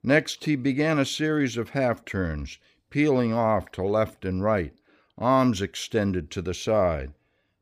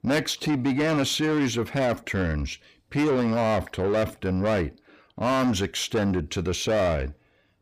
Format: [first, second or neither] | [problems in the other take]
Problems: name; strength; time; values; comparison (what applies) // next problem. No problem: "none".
first | distortion; heavy; 7 dB below the speech